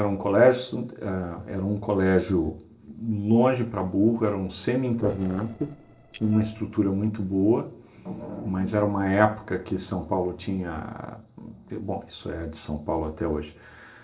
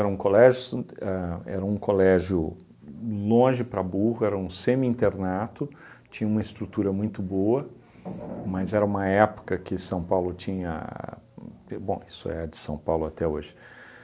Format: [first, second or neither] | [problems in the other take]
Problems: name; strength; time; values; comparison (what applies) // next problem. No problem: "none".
second | noise reduction (neural separator model SepFormer DNS4)